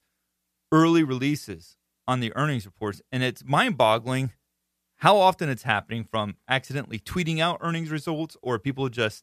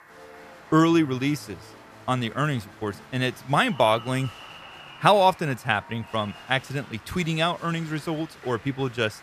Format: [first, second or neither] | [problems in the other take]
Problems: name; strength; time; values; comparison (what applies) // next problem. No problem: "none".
first | crowd noise; noticeable; throughout; 20 dB below the speech